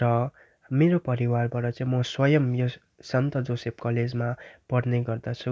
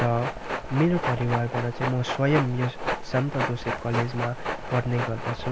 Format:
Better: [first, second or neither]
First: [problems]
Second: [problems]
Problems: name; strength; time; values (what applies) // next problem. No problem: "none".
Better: first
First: none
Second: background sound (Train); 4 dB below the speech